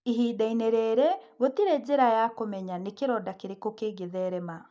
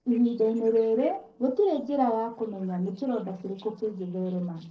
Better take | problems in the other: first | noise reduction (neural separator model SepFormer DNS4)

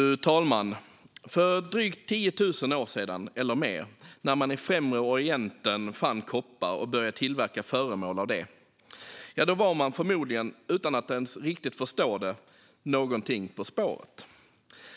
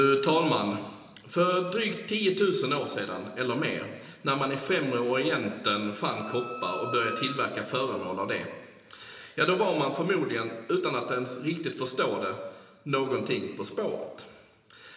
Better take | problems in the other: first | background sound (Wind instrument, woodwind instrument); 9 dB below the speech // room echo; dies away in 1.4 s

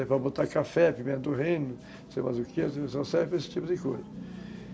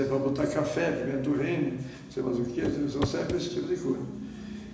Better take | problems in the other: first | background sound (Walk, footsteps / Run / Wood); 7 dB below the speech // room echo; dies away in 1 s

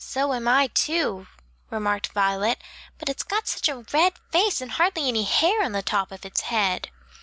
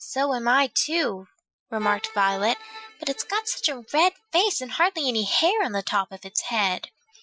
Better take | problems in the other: first | noise reduction (classical method Wiener filter)

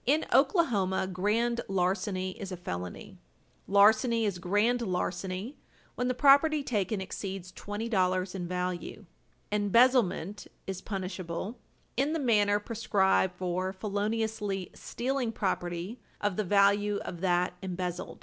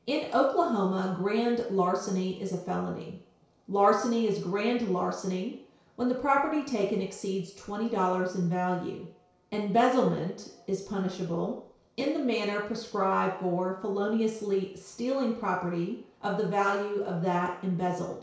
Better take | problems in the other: first | room echo; dies away in 0.6 s

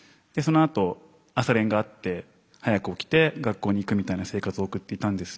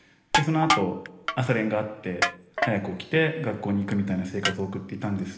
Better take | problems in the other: first | background sound (Crushing); 4 dB below the speech // room echo; dies away in 1.1 s

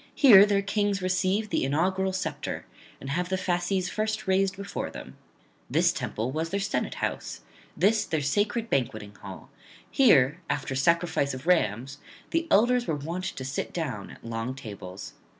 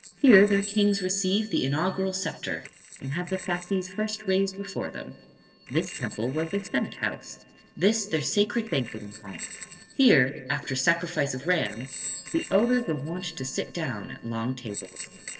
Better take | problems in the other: first | noise reduction (neural separator model SepFormer DNS4)

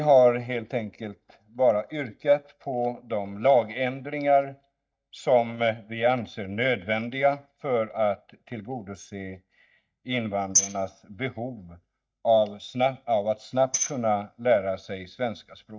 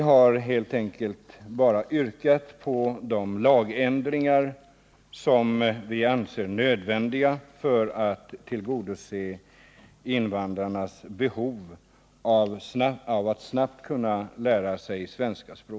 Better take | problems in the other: second | noise reduction (neural mask model DeepFilterNet 3)

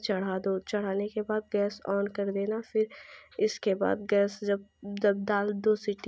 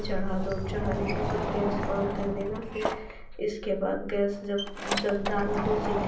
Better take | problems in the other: first | background sound (Sliding door); 1 dB below the speech // room echo; dies away in 0.6 s

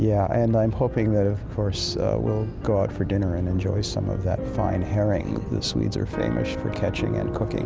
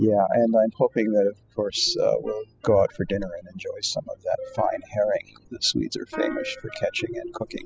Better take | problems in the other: first | noise reduction (classical method spectral subtraction)

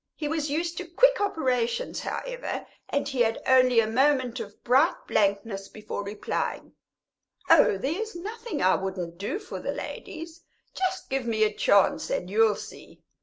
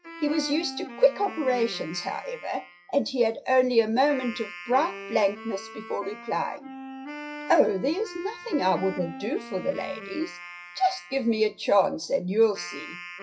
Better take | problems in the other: first | noise reduction (classical method WPE with log-MMSE)

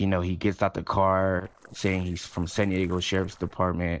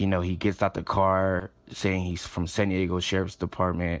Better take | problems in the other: second | noise reduction (neural separator model SepFormer DNS4)

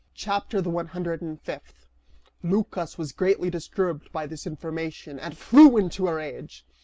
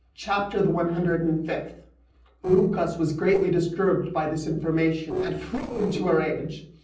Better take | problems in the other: first | noise reduction (neural separator model SepFormer DNS4)

